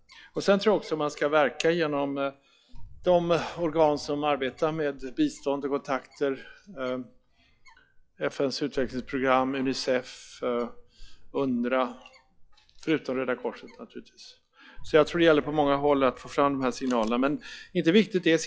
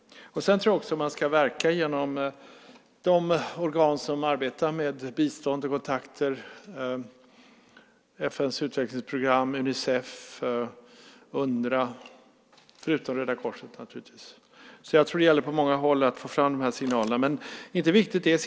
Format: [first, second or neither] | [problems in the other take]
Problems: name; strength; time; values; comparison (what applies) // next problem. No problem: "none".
second | noise reduction (classical method log-MMSE)